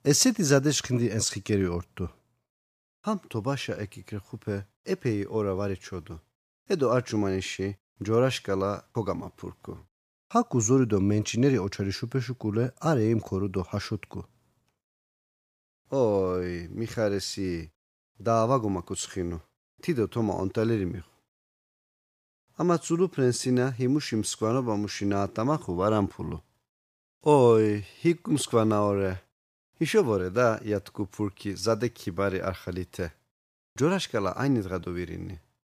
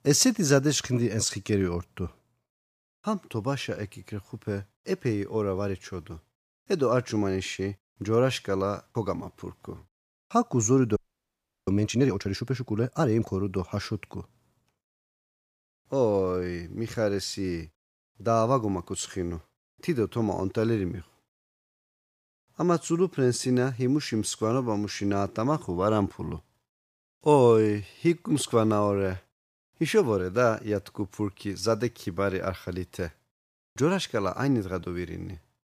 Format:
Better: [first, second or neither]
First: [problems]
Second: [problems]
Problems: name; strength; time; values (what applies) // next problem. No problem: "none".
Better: first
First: none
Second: audio freezing; at 11 s for 0.5 s